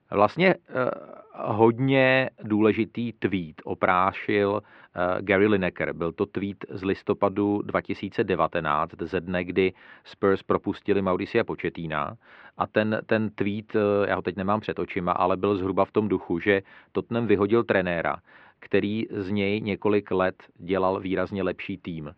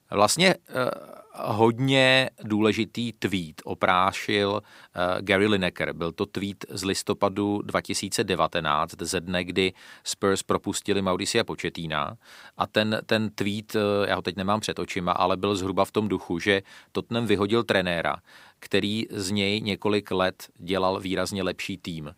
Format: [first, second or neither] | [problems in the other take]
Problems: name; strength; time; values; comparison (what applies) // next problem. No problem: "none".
second | muffled; very; fading above 2.5 kHz